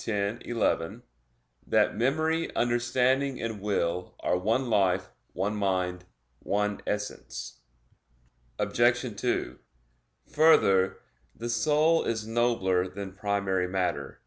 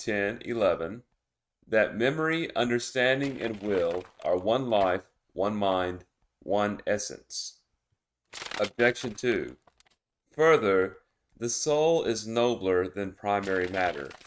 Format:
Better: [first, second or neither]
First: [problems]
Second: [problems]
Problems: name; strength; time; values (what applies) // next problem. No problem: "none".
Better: first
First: none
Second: noise reduction (neural mask model RNNoise)